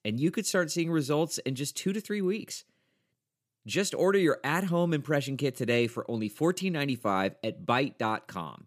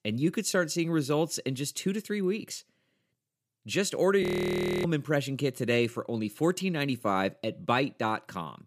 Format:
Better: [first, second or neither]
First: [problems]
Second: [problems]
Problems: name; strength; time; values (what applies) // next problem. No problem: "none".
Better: first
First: none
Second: audio freezing; at 4 s for 0.5 s